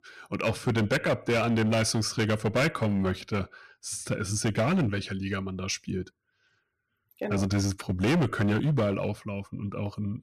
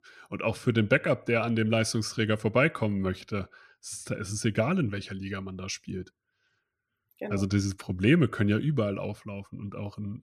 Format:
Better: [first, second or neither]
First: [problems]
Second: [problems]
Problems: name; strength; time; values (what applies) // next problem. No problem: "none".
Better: second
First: distortion; heavy; 10% of the sound clipped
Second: none